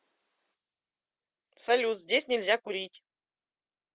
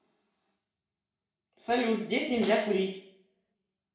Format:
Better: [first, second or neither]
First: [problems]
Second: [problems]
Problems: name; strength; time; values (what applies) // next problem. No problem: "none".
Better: first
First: none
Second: background sound (Snare drum); 12 dB below the speech // room echo; dies away in 0.5 s